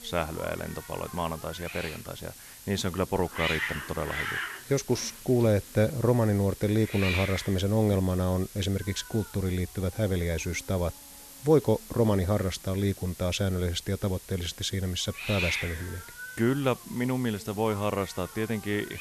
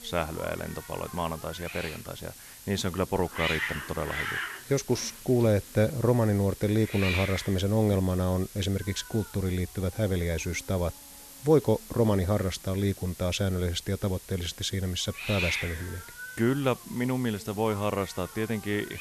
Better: neither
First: hiss; loud; throughout; 10 dB below the speech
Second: hiss; loud; throughout; 10 dB below the speech

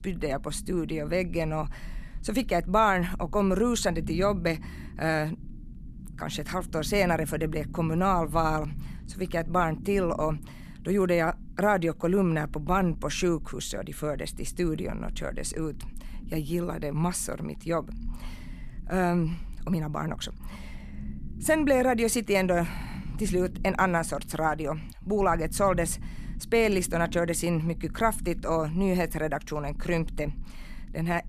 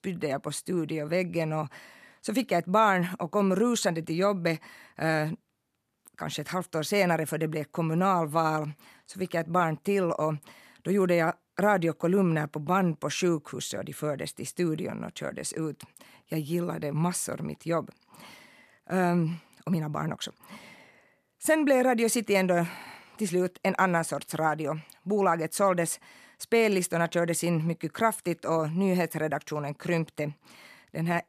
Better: second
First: low rumble; faint; throughout; 25 dB below the speech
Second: none

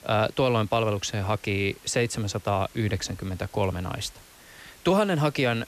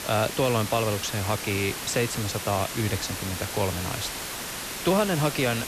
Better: first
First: hiss; faint; throughout; 25 dB below the speech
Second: hiss; loud; throughout; 5 dB below the speech

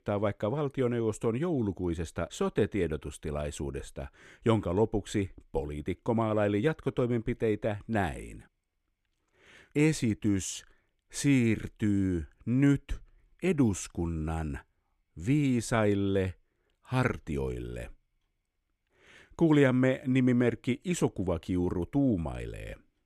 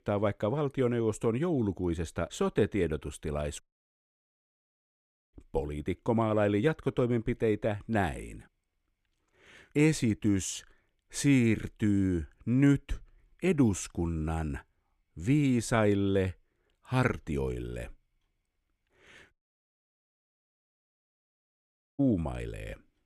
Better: first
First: none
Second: audio cutting out; at 3.5 s for 1.5 s and at 19 s for 2.5 s

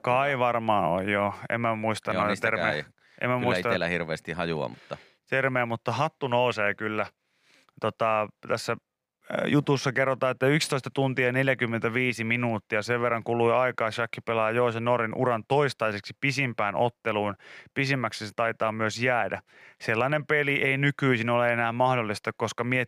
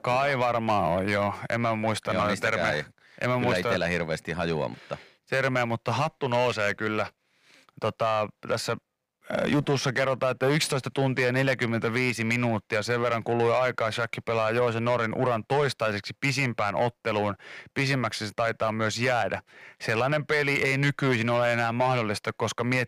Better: first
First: none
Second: distortion; slight; 10 dB below the speech

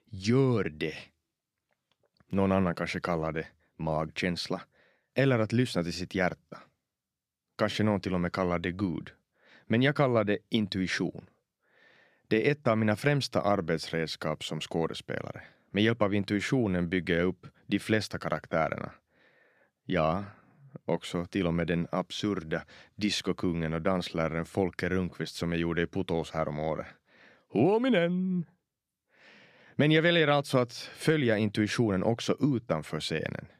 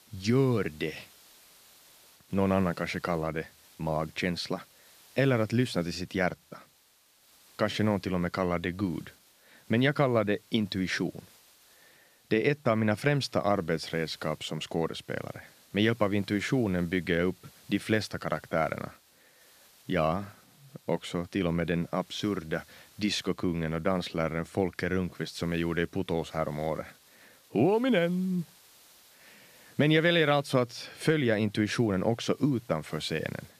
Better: first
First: none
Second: hiss; faint; throughout; 25 dB below the speech

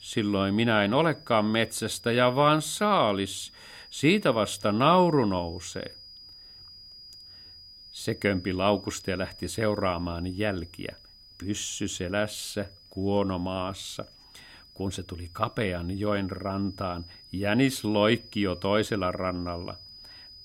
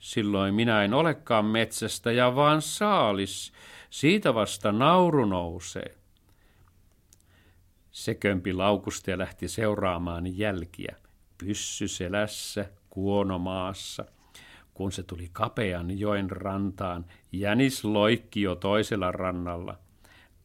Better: second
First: high-pitched whine; faint; throughout; 5 kHz, 20 dB below the speech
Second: none

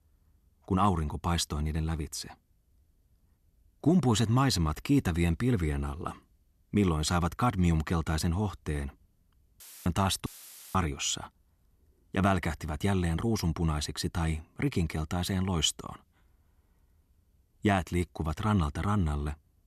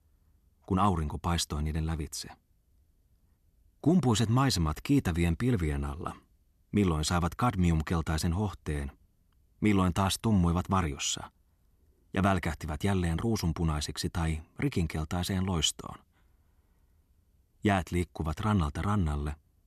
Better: second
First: audio cutting out; filled with static; at 9.5 s and at 10 s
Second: none

